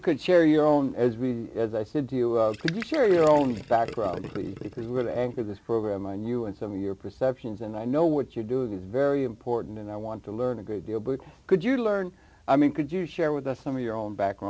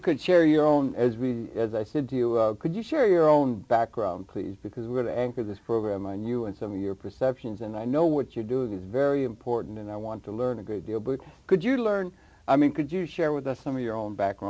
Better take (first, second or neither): second